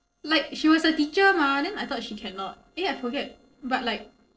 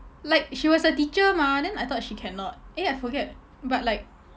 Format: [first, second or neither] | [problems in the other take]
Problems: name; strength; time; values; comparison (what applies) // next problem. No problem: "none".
second | noise reduction (neural separator model SepFormer DNS4)